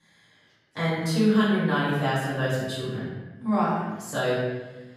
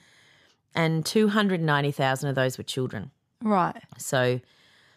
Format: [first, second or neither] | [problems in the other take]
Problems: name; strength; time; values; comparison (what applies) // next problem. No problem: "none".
second | off-mic speech; far // room echo; strong; dies away in 1.1 s